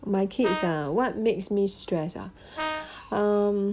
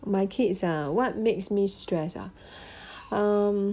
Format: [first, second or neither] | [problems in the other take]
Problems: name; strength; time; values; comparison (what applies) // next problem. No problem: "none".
second | background sound (Brass instrument); 9 dB below the speech